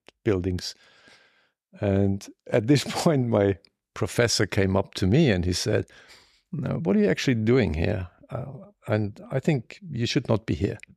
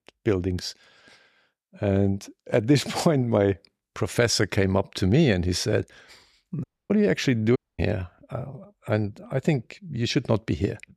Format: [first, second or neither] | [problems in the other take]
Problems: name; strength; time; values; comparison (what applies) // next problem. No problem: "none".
first | audio cutting out; at 6.5 s and at 7.5 s